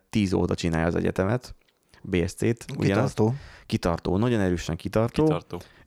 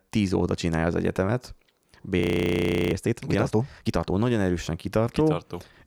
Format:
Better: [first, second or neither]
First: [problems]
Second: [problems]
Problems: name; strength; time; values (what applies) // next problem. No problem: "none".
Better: first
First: none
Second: audio freezing; at 2 s for 0.5 s